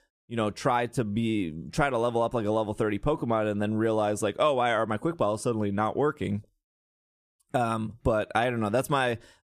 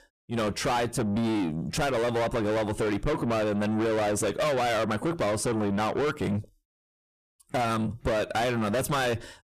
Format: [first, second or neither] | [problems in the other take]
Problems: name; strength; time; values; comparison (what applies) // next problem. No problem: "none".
first | distortion; heavy; 6 dB below the speech